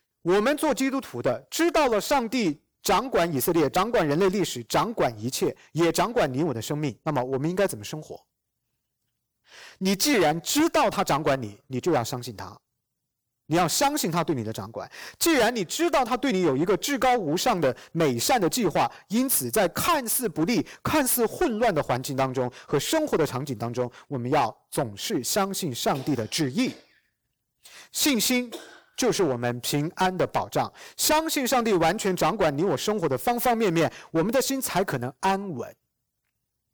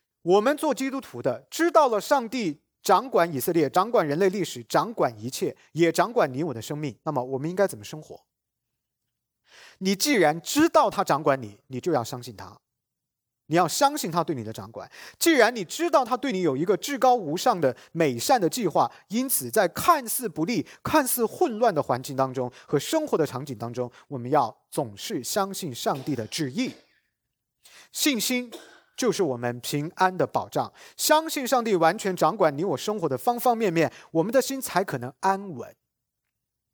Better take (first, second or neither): second